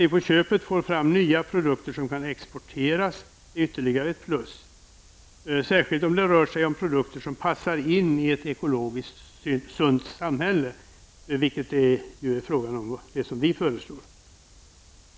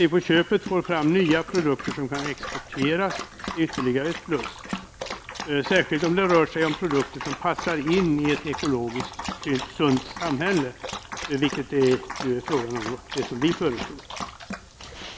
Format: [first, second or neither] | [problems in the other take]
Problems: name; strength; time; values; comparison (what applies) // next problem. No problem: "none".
first | background sound (Dog); 10 dB below the speech